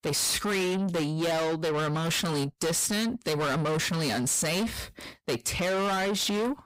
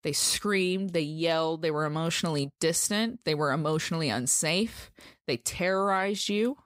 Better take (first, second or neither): second